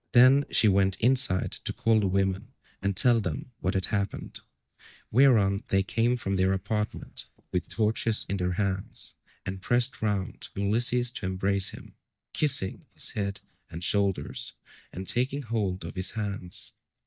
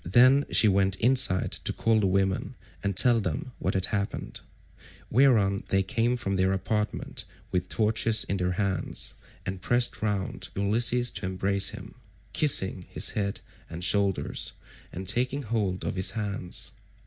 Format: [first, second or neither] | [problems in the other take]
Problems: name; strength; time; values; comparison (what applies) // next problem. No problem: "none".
second | noise reduction (neural mask model DeepFilterNet 3)